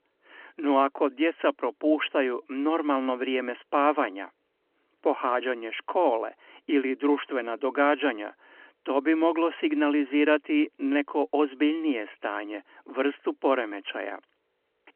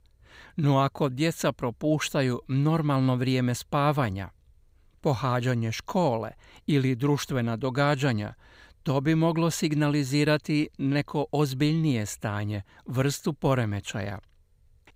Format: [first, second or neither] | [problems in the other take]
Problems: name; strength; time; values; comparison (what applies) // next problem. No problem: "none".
second | phone-call audio